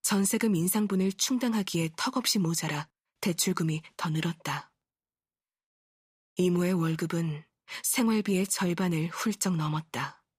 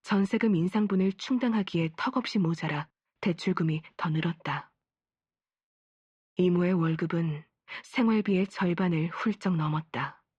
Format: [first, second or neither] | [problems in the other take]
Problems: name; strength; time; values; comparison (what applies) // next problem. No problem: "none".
first | muffled; very; fading above 3 kHz